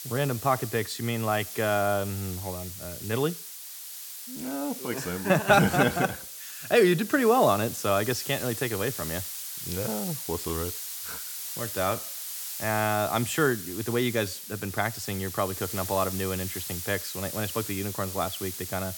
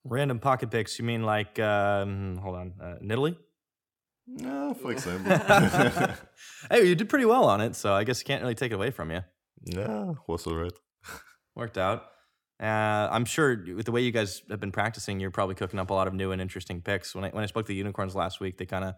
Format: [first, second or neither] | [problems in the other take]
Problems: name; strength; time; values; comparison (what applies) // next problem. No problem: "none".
second | hiss; loud; throughout; 7 dB below the speech